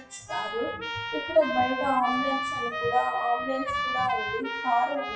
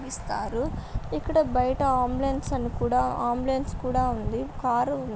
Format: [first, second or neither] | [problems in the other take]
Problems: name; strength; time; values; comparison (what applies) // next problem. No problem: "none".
second | noise reduction (classical method WPE with log-MMSE)